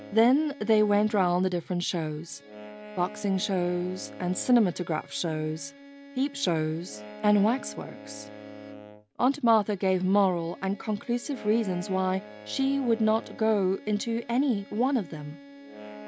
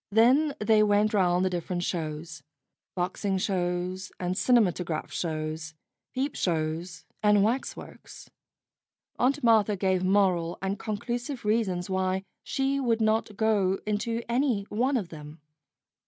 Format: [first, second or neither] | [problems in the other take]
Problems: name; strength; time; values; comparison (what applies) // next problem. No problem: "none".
second | background sound (Bowed string instrument + Wind instrument, woodwind instrument); 17 dB below the speech